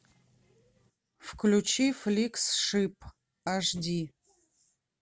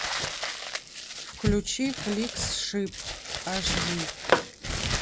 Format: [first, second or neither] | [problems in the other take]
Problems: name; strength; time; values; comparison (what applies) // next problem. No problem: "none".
first | background sound (Crumpling, crinkling + Tap / Hammer); 2 dB above the speech